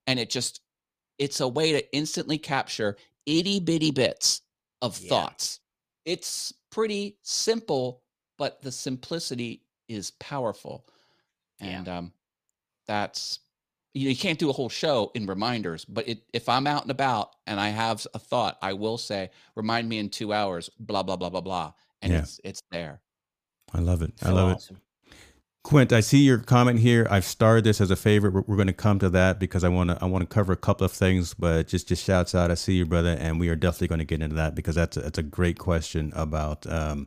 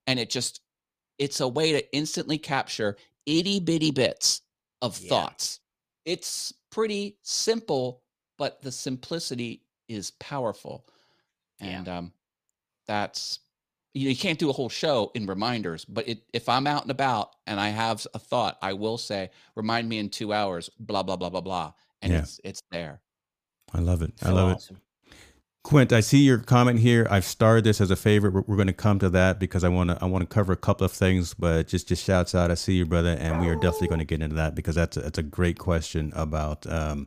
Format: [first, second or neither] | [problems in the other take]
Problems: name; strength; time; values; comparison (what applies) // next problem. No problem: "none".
first | dog barking; noticeable; at 33 s; peak 7 dB below the speech